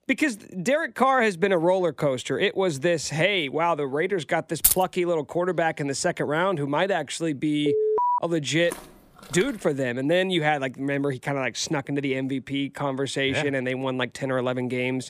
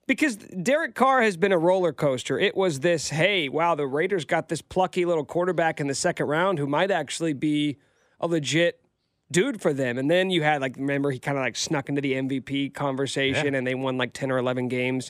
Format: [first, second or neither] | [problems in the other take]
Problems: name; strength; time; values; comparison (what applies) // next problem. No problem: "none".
second | jangling keys; loud; at 4.5 s; peak 5 dB above the speech // alarm; loud; at 7.5 s; peak 2 dB above the speech // footsteps; faint; at 8.5 s; peak 15 dB below the speech